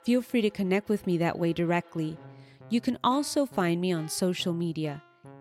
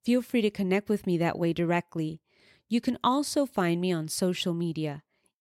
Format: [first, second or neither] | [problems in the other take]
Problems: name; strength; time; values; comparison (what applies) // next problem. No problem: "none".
second | background music; faint; throughout; 25 dB below the speech